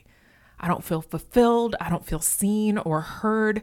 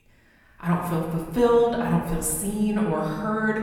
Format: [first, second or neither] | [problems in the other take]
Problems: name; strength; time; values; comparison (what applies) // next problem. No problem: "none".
first | room echo; noticeable; dies away in 1.5 s // off-mic speech; far